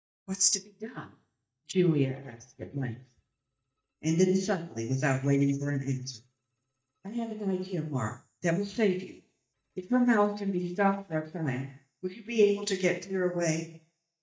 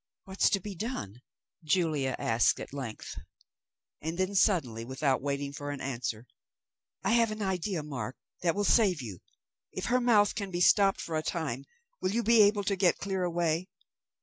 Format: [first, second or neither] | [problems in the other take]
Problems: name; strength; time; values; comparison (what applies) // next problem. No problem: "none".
second | noise reduction (neural mask model DeepFilterNet 3)